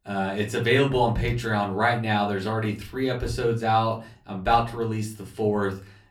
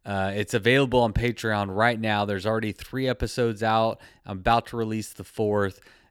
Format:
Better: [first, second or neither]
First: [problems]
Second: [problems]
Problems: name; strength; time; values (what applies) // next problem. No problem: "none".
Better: second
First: off-mic speech; far // room echo; very slight; dies away in 0.3 s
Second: none